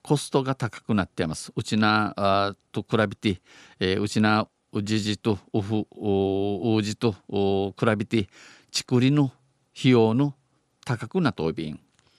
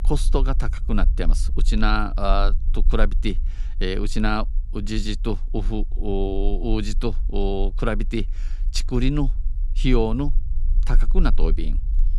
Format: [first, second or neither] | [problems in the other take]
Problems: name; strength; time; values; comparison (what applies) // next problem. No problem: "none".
first | low rumble; faint; throughout; 25 dB below the speech